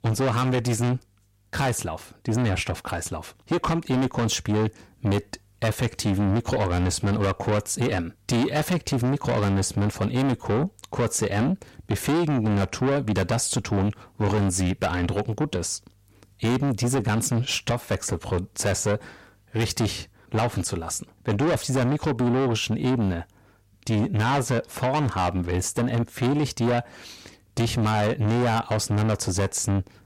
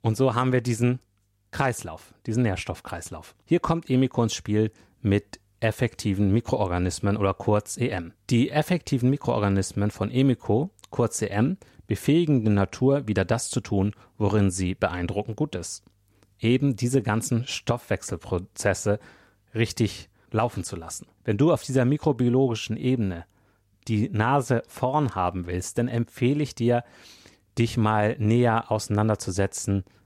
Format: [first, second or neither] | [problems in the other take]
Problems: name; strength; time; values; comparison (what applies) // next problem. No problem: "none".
second | distortion; heavy; 6 dB below the speech